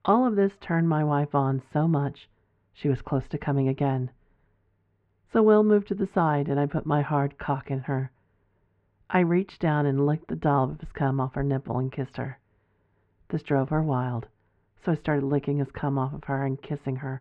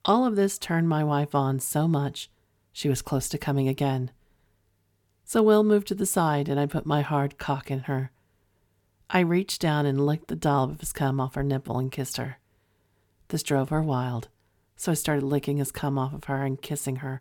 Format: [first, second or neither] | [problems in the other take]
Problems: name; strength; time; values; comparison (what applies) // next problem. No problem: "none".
second | muffled; very; fading above 2 kHz